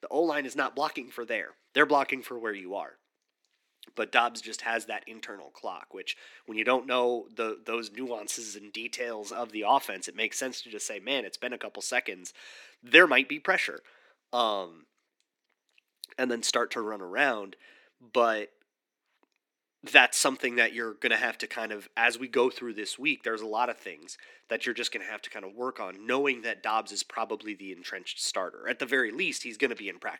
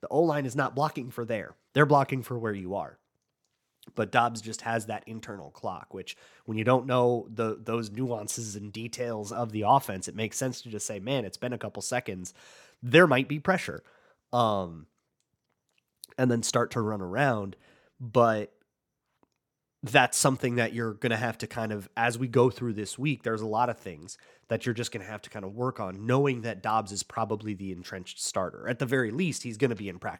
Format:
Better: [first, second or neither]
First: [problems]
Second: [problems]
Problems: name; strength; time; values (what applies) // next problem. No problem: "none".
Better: second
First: thin; somewhat; fading below 300 Hz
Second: none